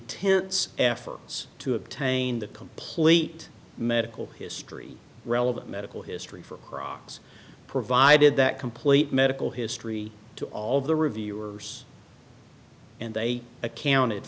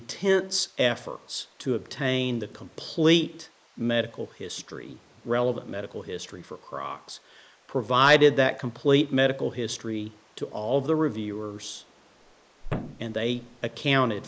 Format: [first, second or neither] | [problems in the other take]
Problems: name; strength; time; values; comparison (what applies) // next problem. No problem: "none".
first | noise reduction (neural mask model Resemble Enhance denoiser)